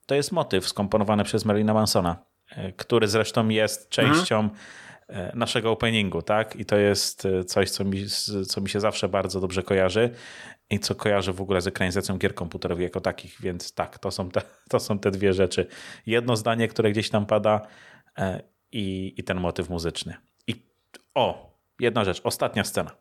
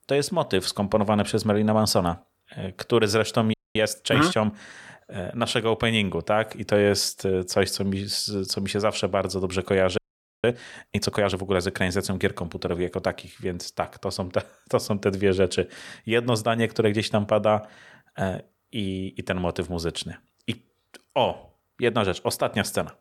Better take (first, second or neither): first